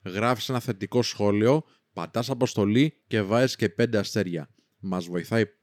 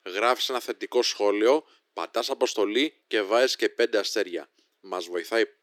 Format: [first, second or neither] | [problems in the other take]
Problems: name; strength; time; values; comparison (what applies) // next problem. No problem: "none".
first | thin; very; fading below 350 Hz